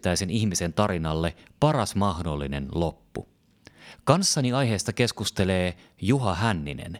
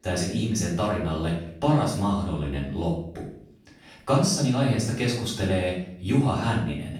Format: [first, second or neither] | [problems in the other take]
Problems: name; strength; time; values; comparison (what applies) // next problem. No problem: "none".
first | off-mic speech; far // room echo; noticeable; dies away in 0.6 s